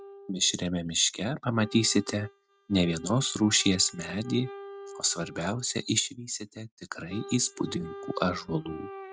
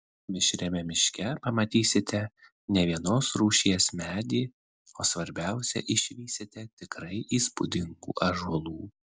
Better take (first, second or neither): second